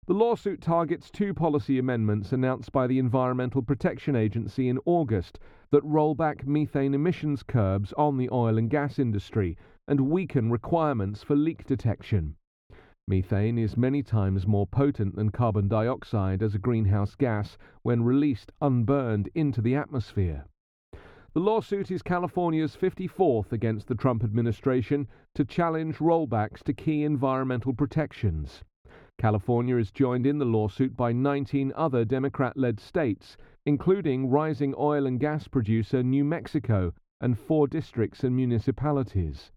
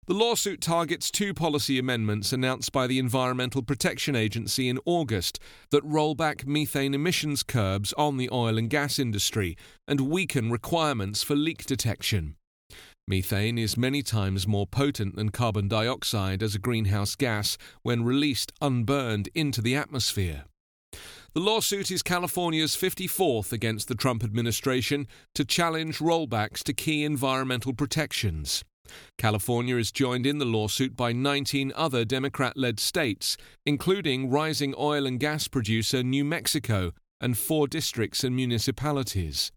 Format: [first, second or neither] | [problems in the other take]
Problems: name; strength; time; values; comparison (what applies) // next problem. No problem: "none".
second | muffled; very; fading above 3 kHz